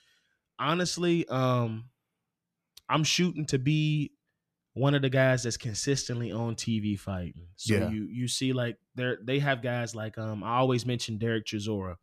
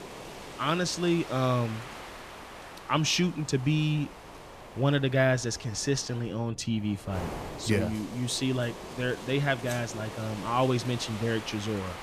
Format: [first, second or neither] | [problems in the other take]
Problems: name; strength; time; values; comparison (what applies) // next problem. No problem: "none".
first | wind noise on the microphone; occasional gusts; 10 dB below the speech